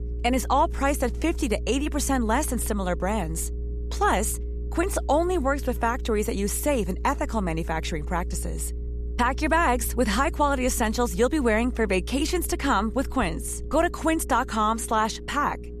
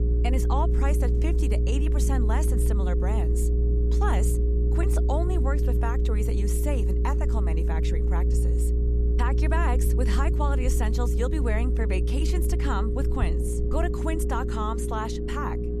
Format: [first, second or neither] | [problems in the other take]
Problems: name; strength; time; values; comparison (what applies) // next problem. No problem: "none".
first | low rumble; loud; throughout; 3 dB below the speech; faint in the first